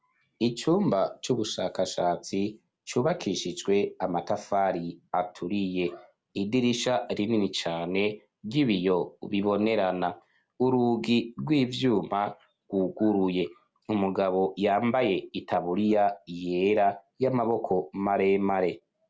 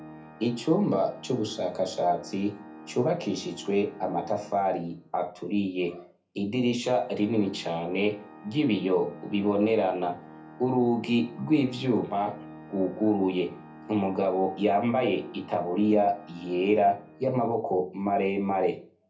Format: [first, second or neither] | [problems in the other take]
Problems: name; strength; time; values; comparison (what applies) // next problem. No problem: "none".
first | background sound (Organ); 20 dB below the speech // room echo; dies away in 0.3 s